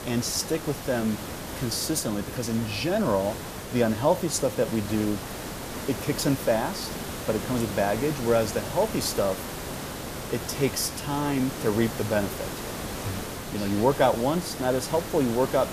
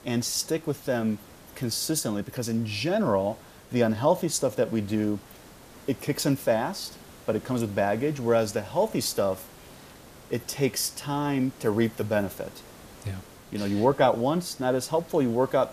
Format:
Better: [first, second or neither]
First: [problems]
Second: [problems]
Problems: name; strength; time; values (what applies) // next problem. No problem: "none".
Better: second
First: hiss; loud; throughout; 8 dB below the speech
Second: hiss; faint; throughout; 20 dB below the speech